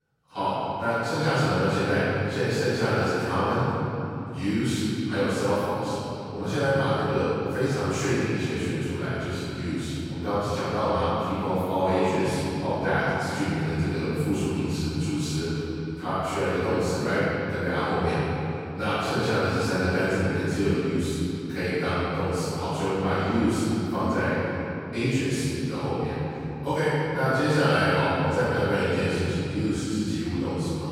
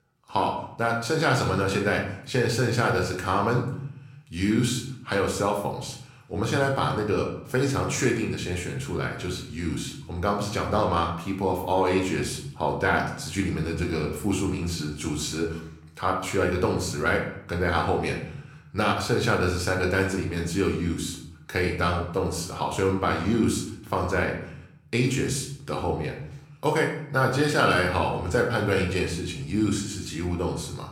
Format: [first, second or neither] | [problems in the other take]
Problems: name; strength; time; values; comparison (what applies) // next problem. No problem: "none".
second | room echo; strong; dies away in 3 s; slight in the second // off-mic speech; far; somewhat distant in the second